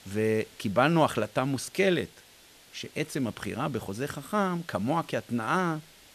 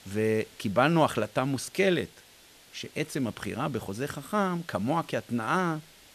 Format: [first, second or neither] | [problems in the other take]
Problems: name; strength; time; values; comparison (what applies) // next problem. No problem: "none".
neither | hiss; faint; throughout; 25 dB below the speech; the same in both